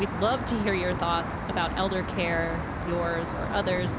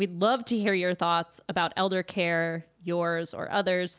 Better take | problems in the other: second | background sound (Traffic noise, roadway noise); 3 dB below the speech

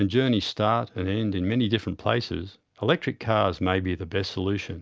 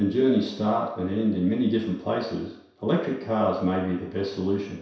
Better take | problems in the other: first | room echo; dies away in 0.7 s

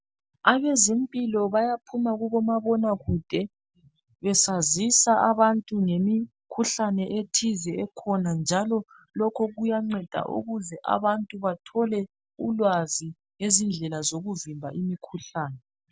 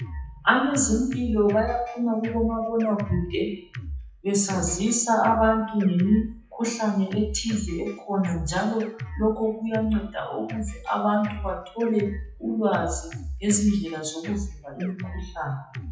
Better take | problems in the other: first | noise reduction (classical method WPE with log-MMSE)

